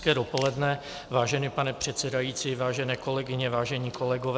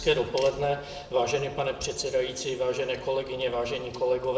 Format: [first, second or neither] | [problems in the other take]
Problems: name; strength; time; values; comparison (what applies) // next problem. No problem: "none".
first | room echo; dies away in 0.6 s